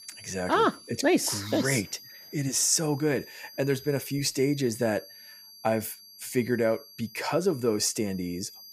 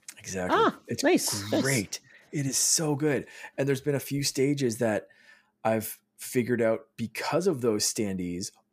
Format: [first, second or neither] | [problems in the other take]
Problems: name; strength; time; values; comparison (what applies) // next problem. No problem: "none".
second | high-pitched whine; noticeable; throughout; 5 kHz, 20 dB below the speech